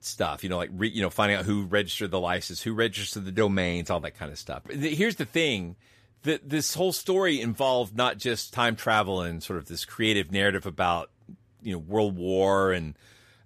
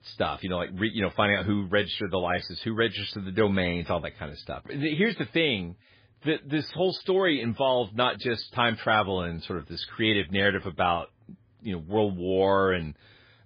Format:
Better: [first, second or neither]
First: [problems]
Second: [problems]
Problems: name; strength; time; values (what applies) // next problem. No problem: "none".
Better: first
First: none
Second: garbled, watery; badly